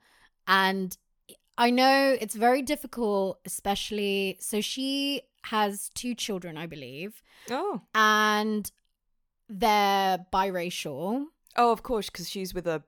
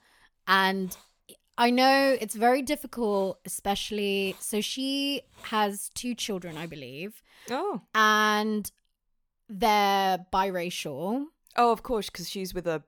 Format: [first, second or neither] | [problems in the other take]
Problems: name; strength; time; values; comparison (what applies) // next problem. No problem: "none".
first | hiss; faint; until 7 s; 30 dB below the speech